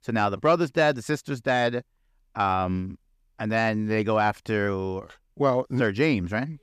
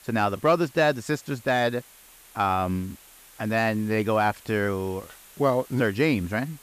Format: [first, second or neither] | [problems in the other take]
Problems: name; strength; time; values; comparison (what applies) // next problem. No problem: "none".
first | hiss; faint; throughout; 25 dB below the speech